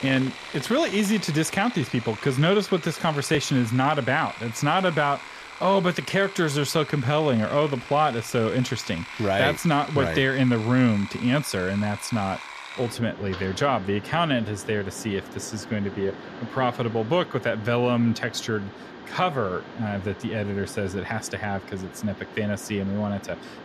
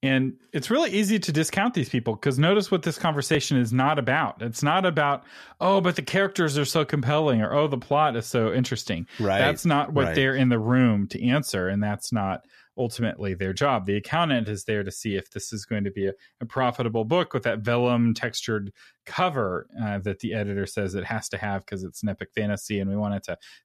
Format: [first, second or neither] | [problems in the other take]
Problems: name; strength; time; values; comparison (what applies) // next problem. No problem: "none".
second | machinery noise; noticeable; throughout; 15 dB below the speech